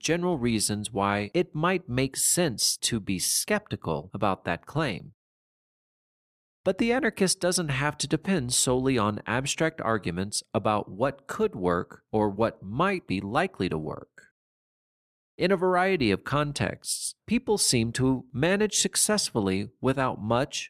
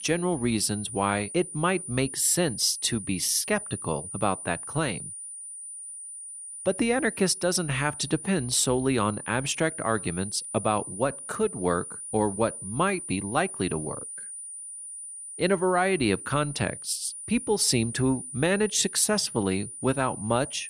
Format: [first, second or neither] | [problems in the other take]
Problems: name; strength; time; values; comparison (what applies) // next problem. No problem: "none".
first | high-pitched whine; loud; throughout; 9.5 kHz, 10 dB below the speech